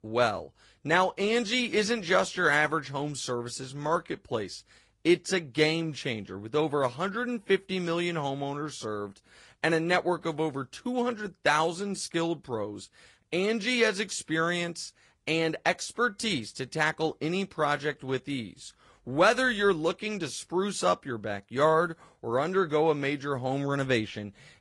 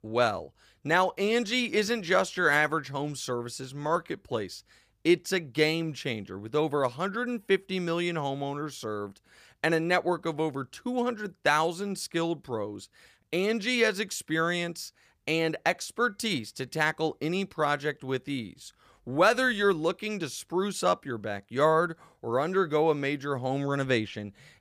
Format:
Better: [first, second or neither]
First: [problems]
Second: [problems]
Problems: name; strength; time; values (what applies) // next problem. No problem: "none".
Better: second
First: garbled, watery; slightly; nothing above 10 kHz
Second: none